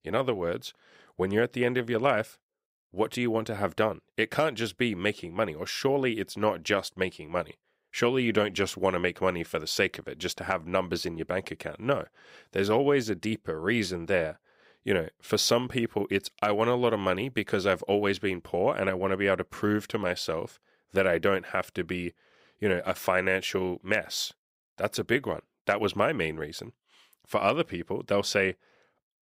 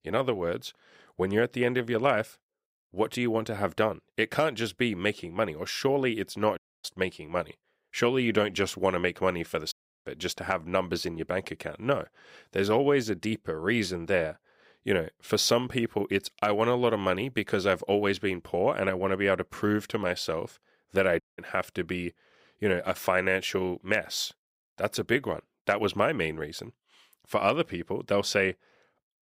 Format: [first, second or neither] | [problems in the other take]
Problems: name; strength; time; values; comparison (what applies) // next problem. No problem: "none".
first | audio cutting out; at 6.5 s, at 9.5 s and at 21 s